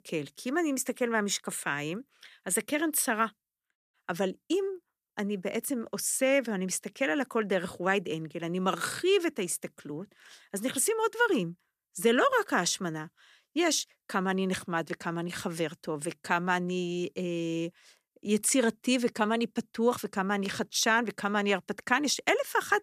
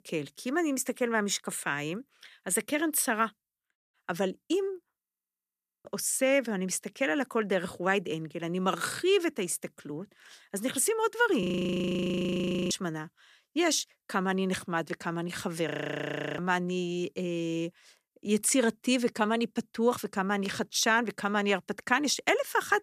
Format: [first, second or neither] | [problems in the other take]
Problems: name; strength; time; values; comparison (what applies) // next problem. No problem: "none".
first | audio freezing; at 5 s for 1 s, at 11 s for 1.5 s and at 16 s for 0.5 s